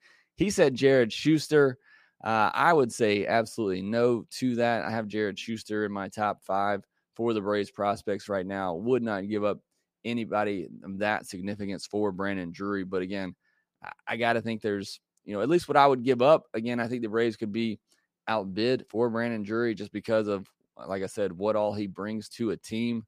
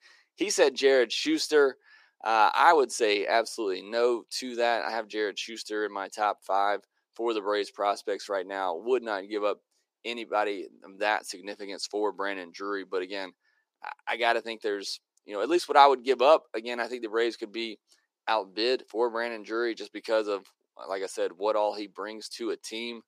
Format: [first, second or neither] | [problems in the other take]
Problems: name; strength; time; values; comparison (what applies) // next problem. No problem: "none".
first | thin; somewhat; fading below 350 Hz